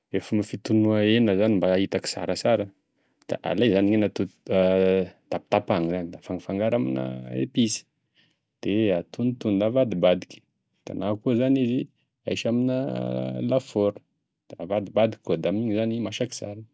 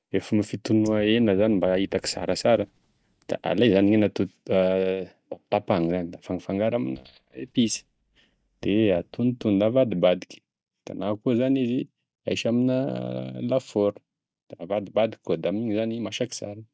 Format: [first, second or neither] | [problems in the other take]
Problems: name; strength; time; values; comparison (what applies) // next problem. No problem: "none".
first | noise reduction (neural mask model DeepFilterNet 3)